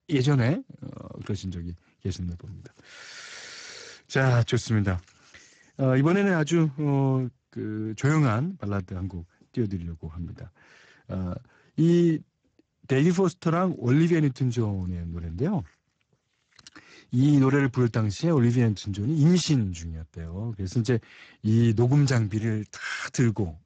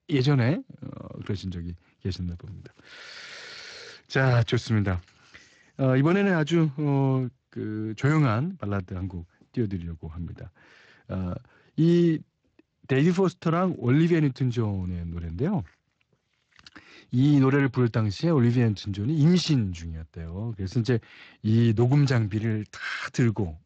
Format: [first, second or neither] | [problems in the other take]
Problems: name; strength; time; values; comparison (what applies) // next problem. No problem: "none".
second | garbled, watery; badly; nothing above 7.5 kHz; slightly in the second